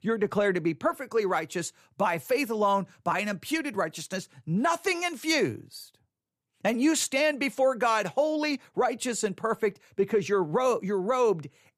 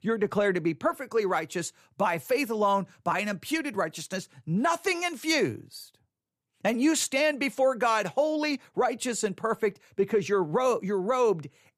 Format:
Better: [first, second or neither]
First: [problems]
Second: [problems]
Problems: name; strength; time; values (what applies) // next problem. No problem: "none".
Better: neither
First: none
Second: none